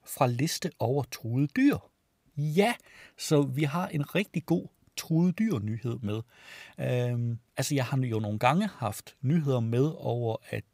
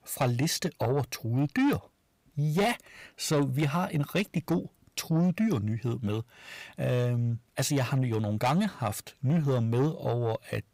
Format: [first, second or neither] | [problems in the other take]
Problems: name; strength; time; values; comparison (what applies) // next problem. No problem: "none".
first | distortion; slight; 10 dB below the speech